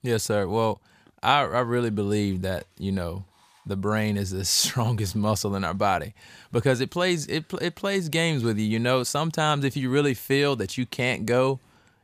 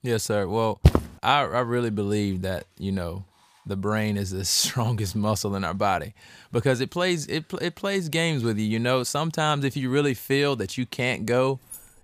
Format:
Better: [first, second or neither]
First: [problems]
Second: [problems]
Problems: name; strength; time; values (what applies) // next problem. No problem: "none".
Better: first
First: none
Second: footsteps; loud; at 1 s; peak 4 dB above the speech // jangling keys; faint; at 11 s; peak 15 dB below the speech